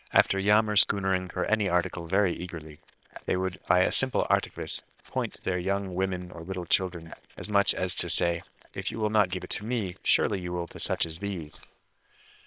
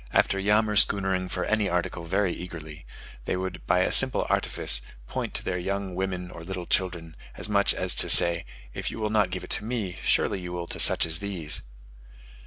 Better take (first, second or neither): second